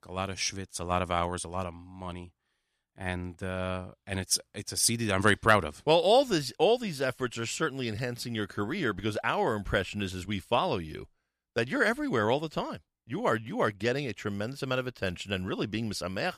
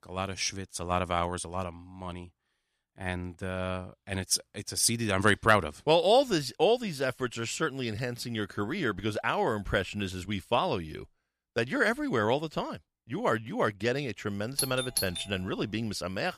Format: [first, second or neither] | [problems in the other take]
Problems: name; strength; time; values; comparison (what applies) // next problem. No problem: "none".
first | doorbell; noticeable; at 15 s; peak 1 dB below the speech